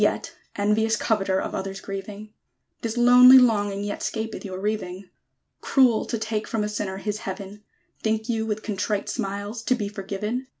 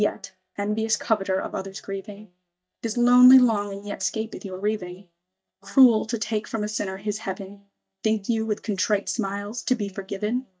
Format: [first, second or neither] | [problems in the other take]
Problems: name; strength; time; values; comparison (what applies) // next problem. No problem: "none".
first | noise reduction (neural mask model DeepFilterNet 3)